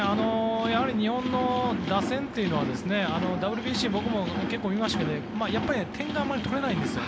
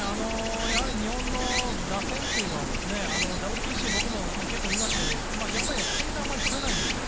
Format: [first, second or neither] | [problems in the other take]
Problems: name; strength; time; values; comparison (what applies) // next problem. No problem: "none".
first | background sound (Stream); 4 dB above the speech